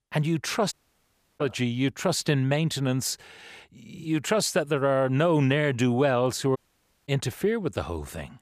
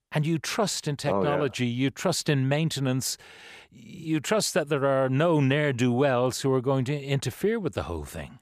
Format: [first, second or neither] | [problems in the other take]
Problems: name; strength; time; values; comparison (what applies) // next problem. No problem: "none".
second | audio cutting out; at 0.5 s for 0.5 s and at 6.5 s for 0.5 s